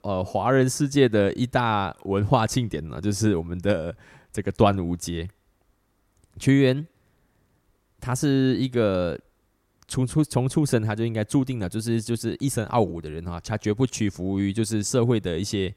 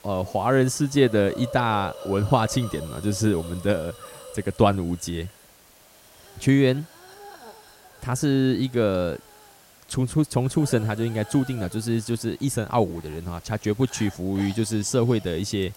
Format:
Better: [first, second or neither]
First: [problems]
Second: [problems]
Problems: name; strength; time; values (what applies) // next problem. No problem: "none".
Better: first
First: none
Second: hiss; noticeable; throughout; 20 dB below the speech